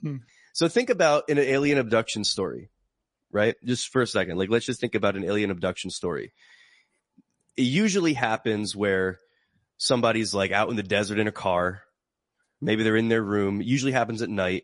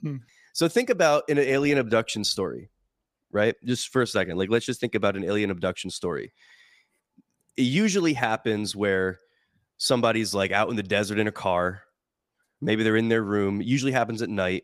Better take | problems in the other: second | garbled, watery; slightly; nothing above 10.5 kHz

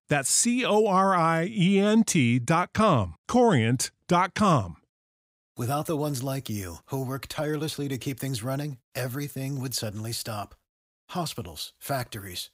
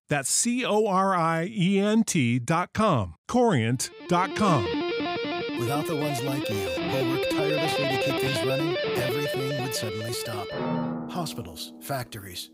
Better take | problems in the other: first | background music; loud; from 4 s on; 2 dB below the speech

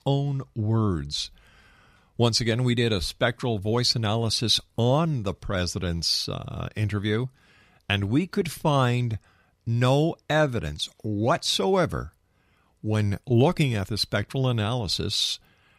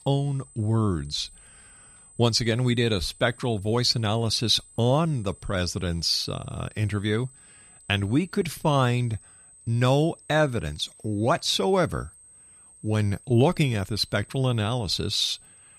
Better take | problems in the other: first | high-pitched whine; faint; throughout; 8 kHz, 25 dB below the speech

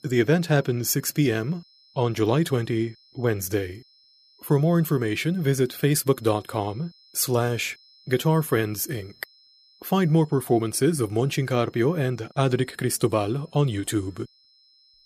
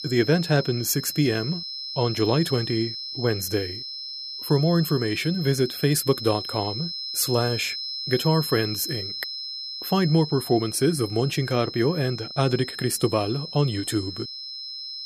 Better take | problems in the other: first | high-pitched whine; loud; throughout; 5 kHz, 7 dB below the speech; faint in the first

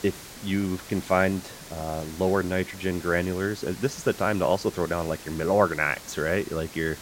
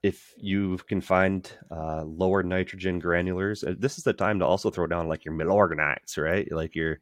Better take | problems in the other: second | hiss; noticeable; throughout; 15 dB below the speech

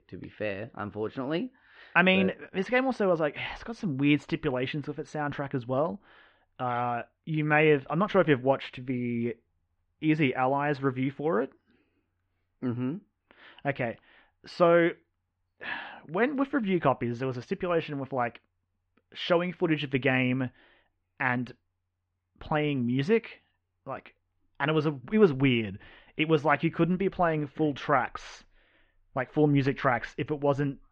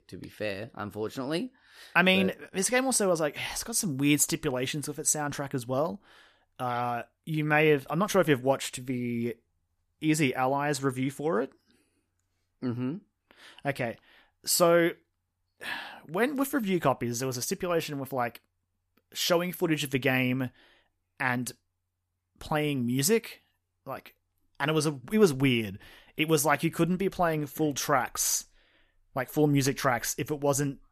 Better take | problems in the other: second | muffled; very; fading above 3 kHz

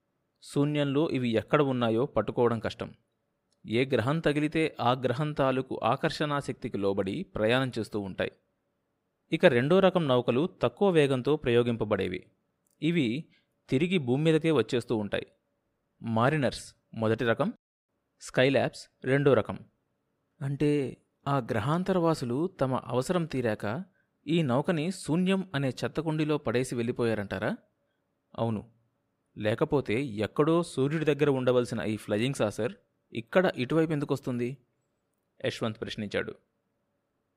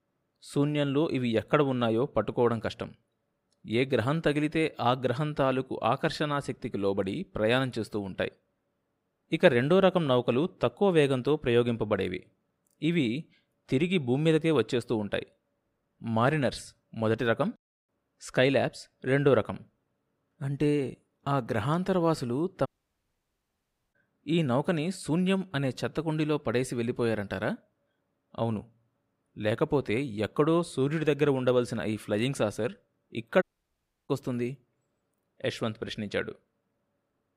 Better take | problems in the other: first | audio cutting out; at 23 s for 1.5 s and at 33 s for 0.5 s

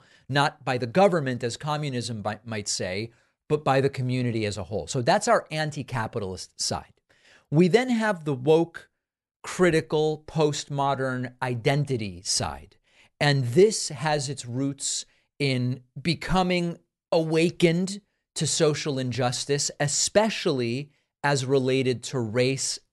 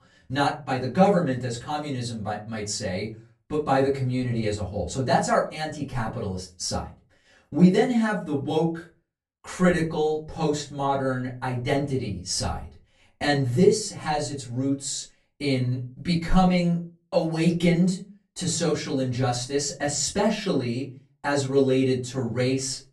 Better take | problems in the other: first | off-mic speech; far // room echo; very slight; dies away in 0.3 s

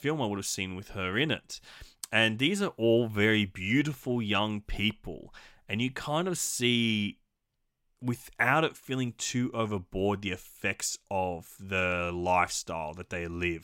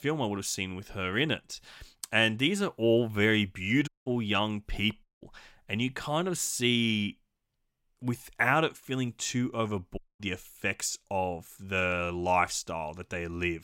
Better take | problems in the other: first | audio cutting out; at 4 s, at 5 s and at 10 s

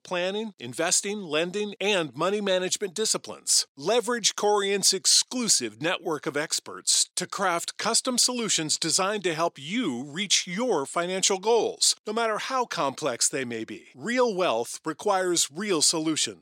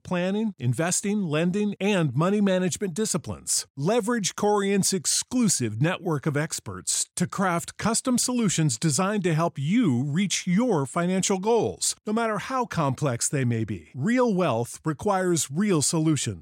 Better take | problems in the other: second | thin; somewhat; fading below 400 Hz

